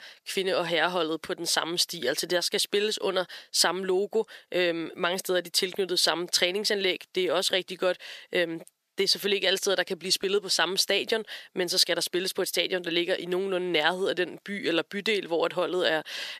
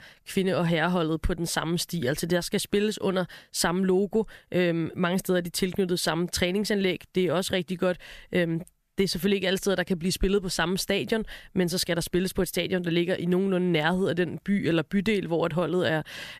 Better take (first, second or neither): second